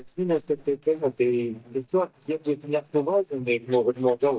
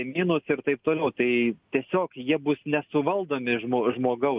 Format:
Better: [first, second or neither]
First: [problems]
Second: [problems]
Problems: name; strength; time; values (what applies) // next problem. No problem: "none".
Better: second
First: noise reduction (neural mask model DeepFilterNet 3)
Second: none